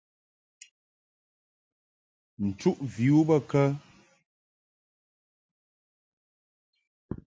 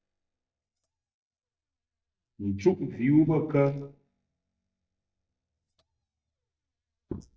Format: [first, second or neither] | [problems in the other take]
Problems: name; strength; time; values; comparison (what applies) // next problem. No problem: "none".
first | noise reduction (neural mask model DeepFilterNet 3)